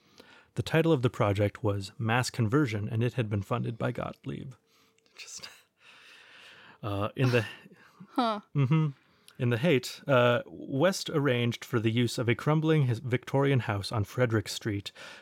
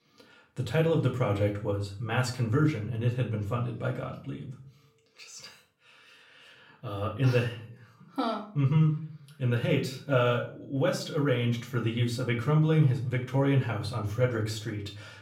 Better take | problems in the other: first | room echo; slight; dies away in 0.4 s // off-mic speech; far

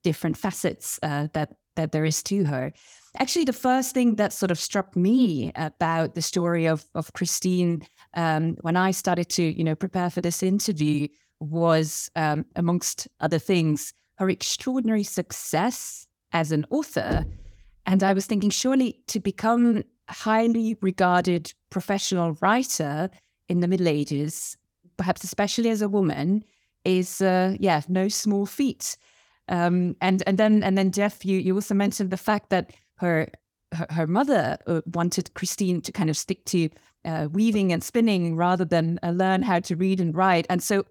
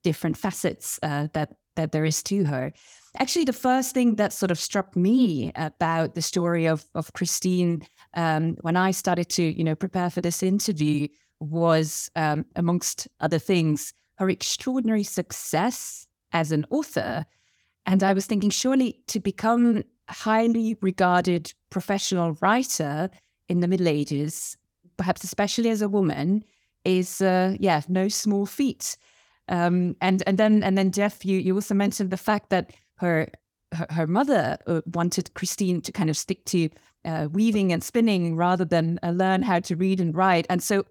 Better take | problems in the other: second | door banging; noticeable; at 17 s; peak 6 dB below the speech

